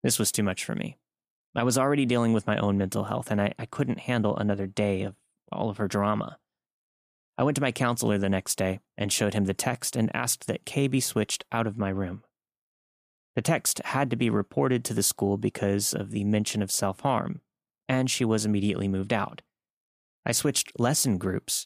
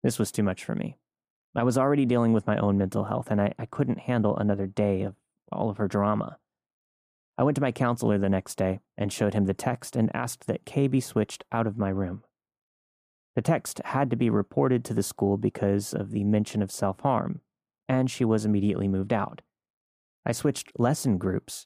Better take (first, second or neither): first